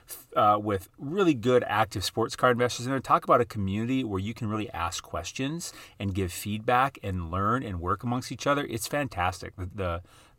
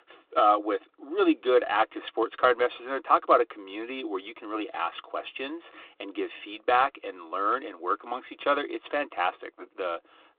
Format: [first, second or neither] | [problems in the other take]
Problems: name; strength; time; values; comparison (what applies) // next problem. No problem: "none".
first | phone-call audio